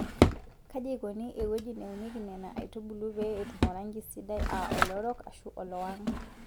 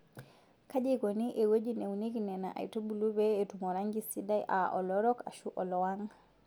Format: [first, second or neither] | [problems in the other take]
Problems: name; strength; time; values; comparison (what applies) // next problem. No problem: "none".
second | background sound (Drawer open or close); 3 dB above the speech